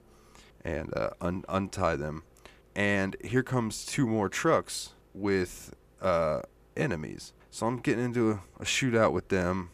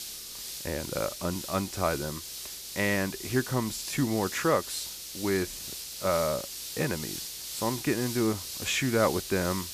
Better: first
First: none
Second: hiss; loud; throughout; 6 dB below the speech

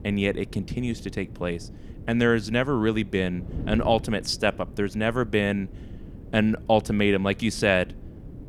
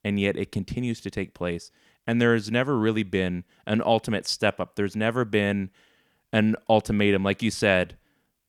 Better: second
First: wind noise on the microphone; occasional gusts; 20 dB below the speech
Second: none

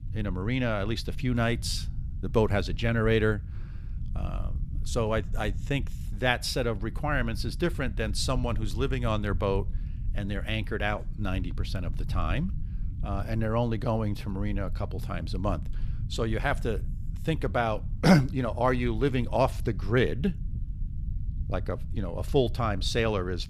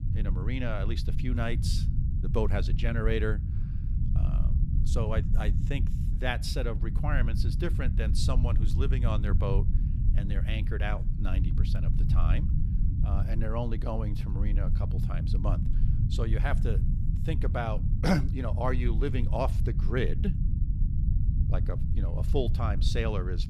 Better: first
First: low rumble; faint; throughout; 20 dB below the speech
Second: low rumble; loud; throughout; 8 dB below the speech

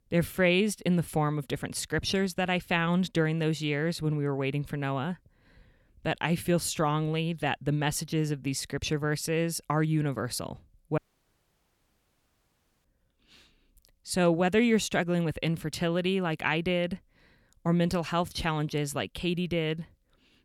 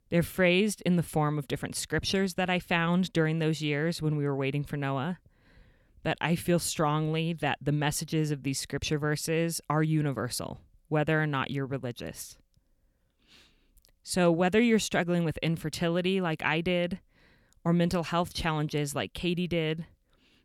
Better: second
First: audio cutting out; at 11 s for 2 s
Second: none

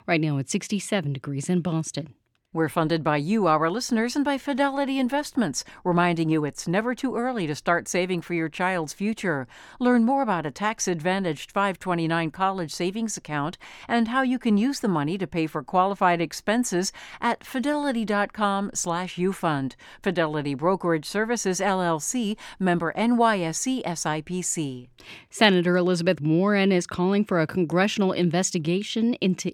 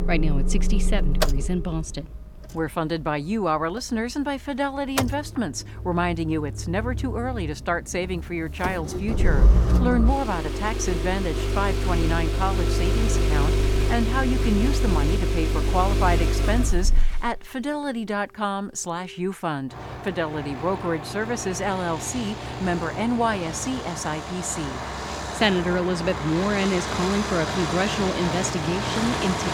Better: first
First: none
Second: traffic noise; loud; throughout; as loud as the speech

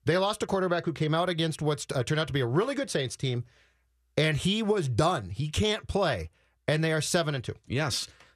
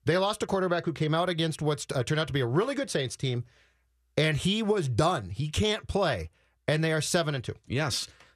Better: neither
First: none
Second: none

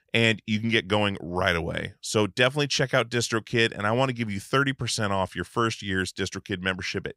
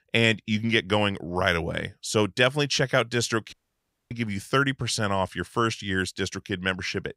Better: first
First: none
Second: audio cutting out; at 3.5 s for 0.5 s

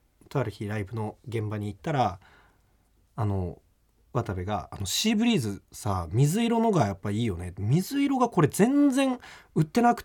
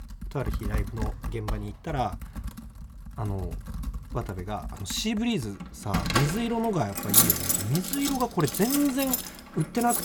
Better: first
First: none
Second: household noises; very loud; throughout; 2 dB above the speech

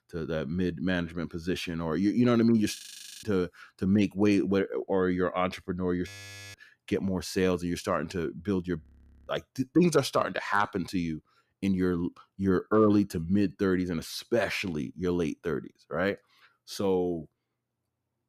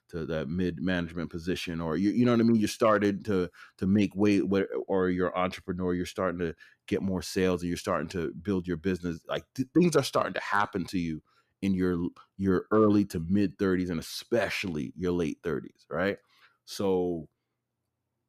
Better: second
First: audio freezing; at 3 s, at 6 s and at 9 s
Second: none

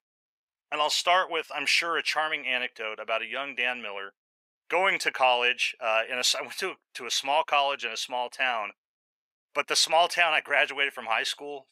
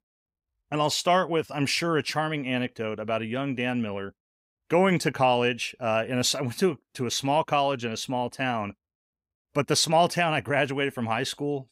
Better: second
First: thin; very; fading below 700 Hz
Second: none

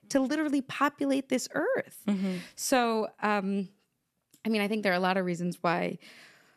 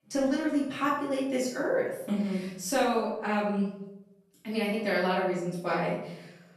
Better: first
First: none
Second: off-mic speech; far // room echo; noticeable; dies away in 0.8 s

